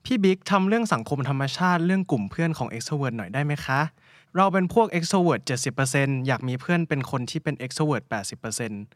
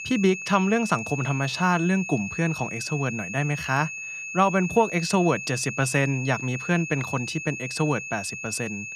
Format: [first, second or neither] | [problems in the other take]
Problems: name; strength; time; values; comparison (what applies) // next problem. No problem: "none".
first | high-pitched whine; loud; throughout; 2.5 kHz, 7 dB below the speech